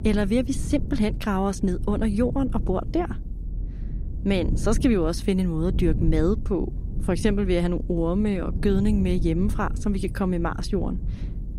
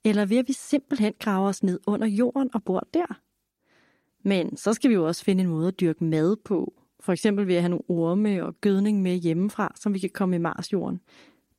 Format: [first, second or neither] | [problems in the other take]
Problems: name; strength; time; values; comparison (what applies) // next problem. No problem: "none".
second | low rumble; noticeable; throughout; 15 dB below the speech